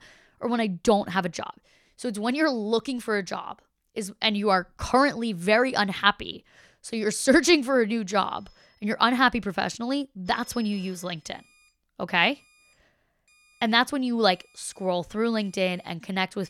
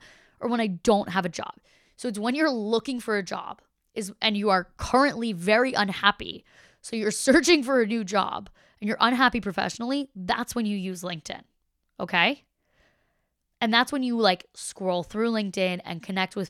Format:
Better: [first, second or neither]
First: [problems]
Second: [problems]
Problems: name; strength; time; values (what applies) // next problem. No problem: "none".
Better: second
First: alarms or sirens; faint; from 8.5 s on; 30 dB below the speech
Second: none